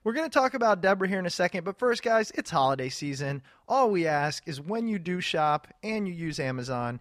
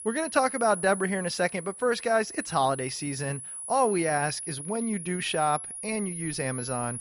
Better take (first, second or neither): first